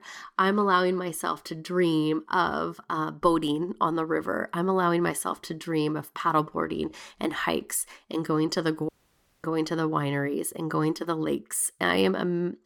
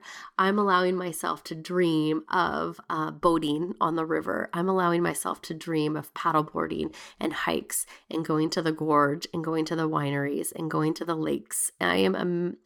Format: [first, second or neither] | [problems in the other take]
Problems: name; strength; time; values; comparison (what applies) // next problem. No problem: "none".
second | audio cutting out; at 9 s for 0.5 s